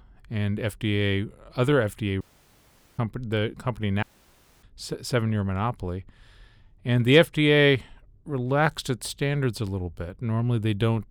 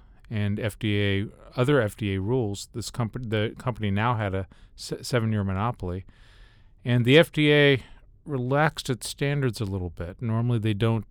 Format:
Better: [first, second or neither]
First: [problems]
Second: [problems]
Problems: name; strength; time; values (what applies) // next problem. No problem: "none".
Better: second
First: audio cutting out; at 2 s for 1 s and at 4 s for 0.5 s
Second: none